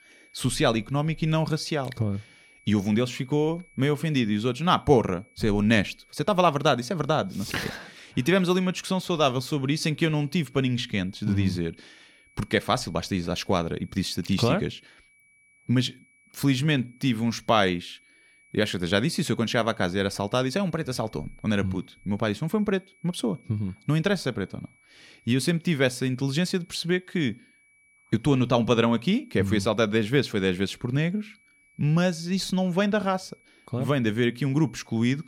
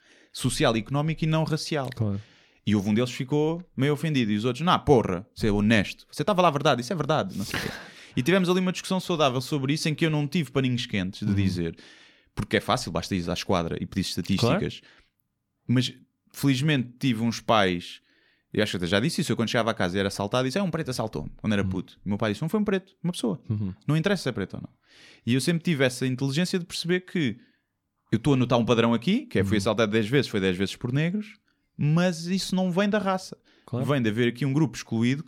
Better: second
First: high-pitched whine; faint; throughout; 2.5 kHz, 30 dB below the speech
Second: none

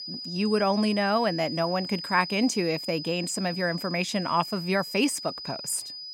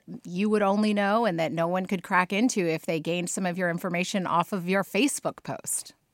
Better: second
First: high-pitched whine; loud; throughout; 5 kHz, 8 dB below the speech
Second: none

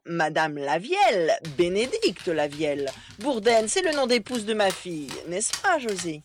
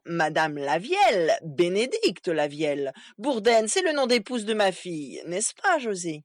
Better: second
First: dog barking; noticeable; from 1.5 s on; peak 8 dB below the speech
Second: none

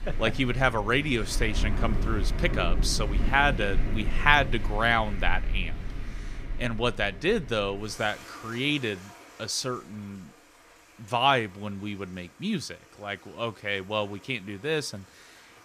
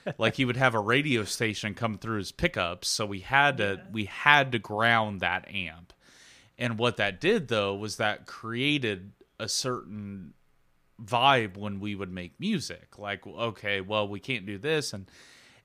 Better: second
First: rain or running water; loud; throughout; 7 dB below the speech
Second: none

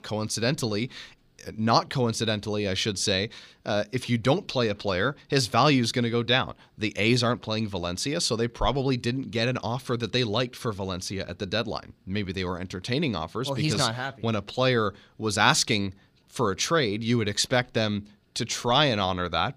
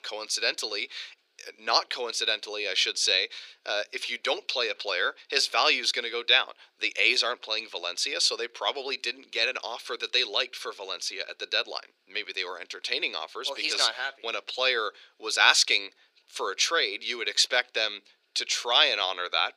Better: first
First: none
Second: thin; very; fading below 400 Hz

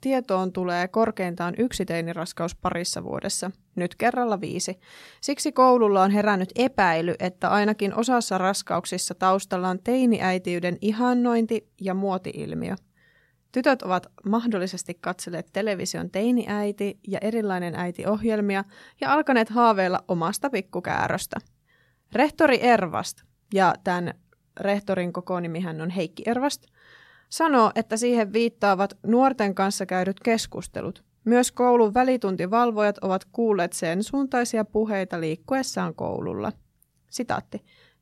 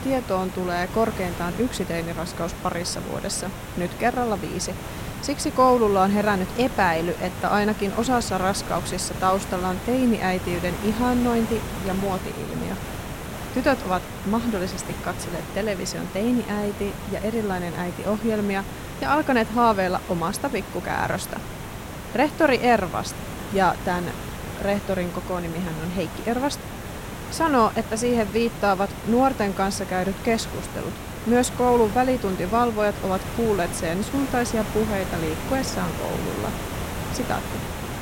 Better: first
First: none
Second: hiss; loud; throughout; 9 dB below the speech

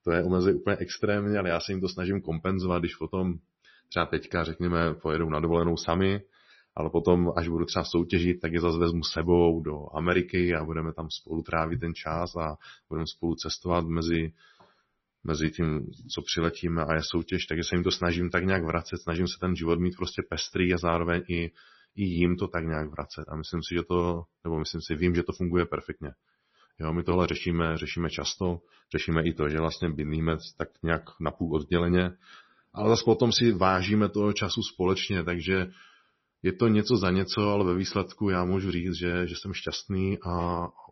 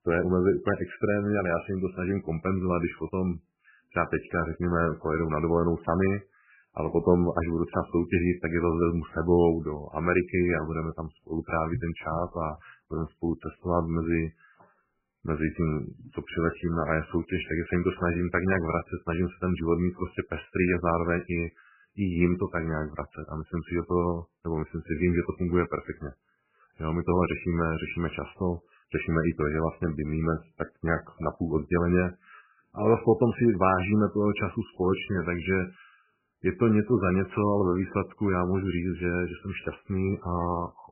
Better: first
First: garbled, watery; slightly; nothing above 6 kHz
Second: garbled, watery; badly; nothing above 2.5 kHz

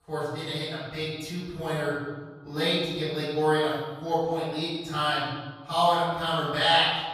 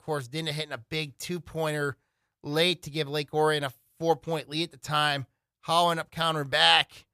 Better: second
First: off-mic speech; far // room echo; strong; dies away in 1.3 s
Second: none

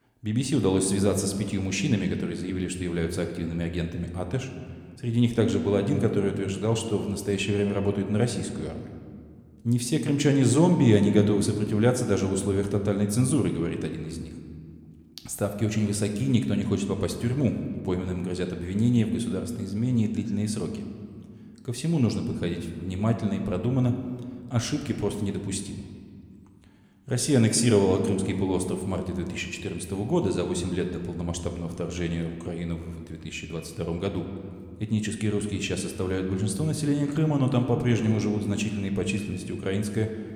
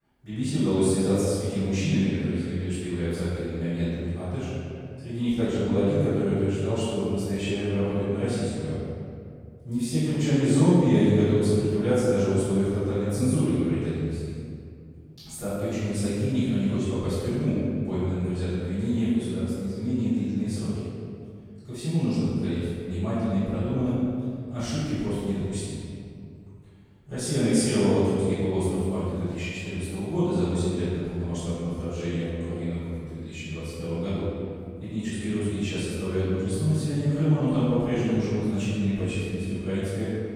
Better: first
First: room echo; slight; dies away in 1.6 s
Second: room echo; strong; dies away in 2.1 s // off-mic speech; far

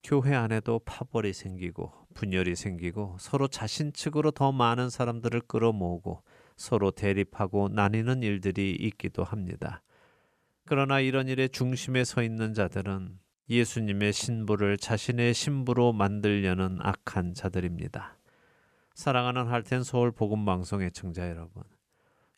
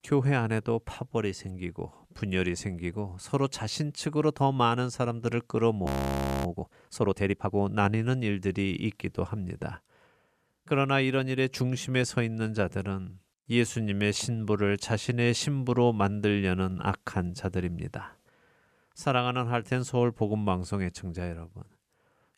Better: first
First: none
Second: audio freezing; at 6 s for 0.5 s

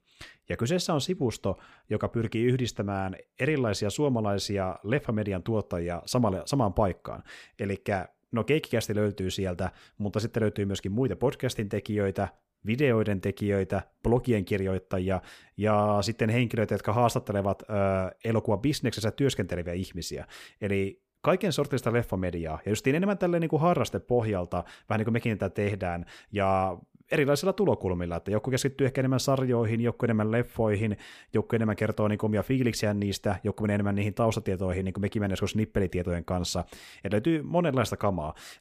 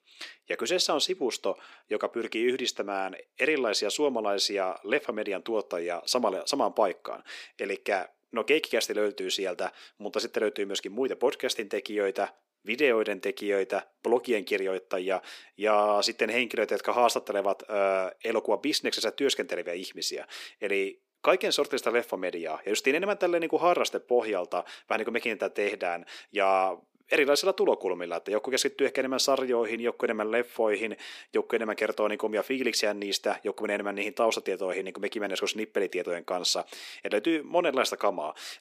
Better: first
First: none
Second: thin; somewhat; fading below 300 Hz

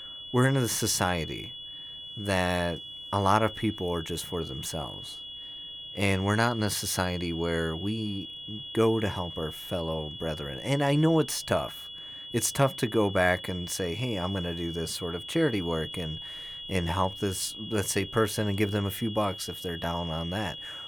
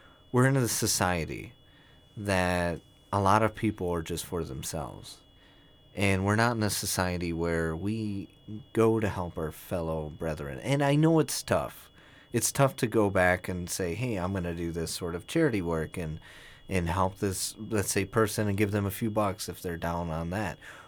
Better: second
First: high-pitched whine; loud; throughout; 3.5 kHz, 10 dB below the speech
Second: high-pitched whine; faint; throughout; 3.5 kHz, 30 dB below the speech

